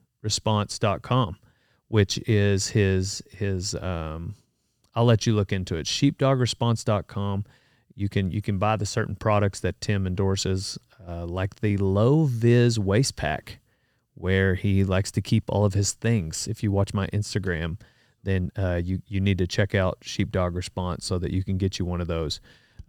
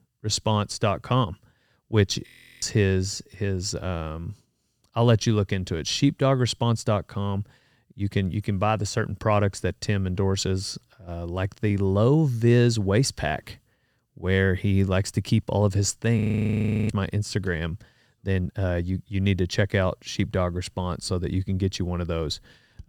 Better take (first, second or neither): first